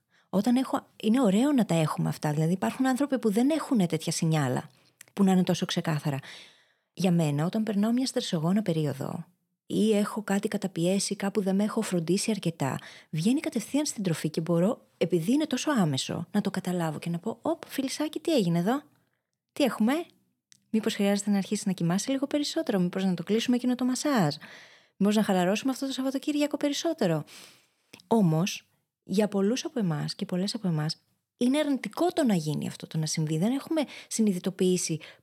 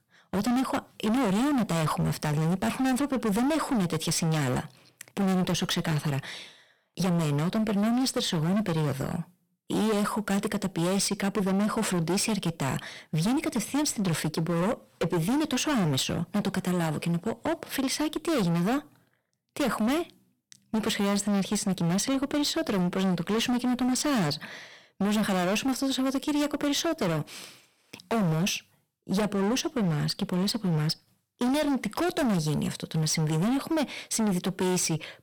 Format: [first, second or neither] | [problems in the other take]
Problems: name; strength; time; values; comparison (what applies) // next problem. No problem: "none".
first | distortion; heavy; 29% of the sound clipped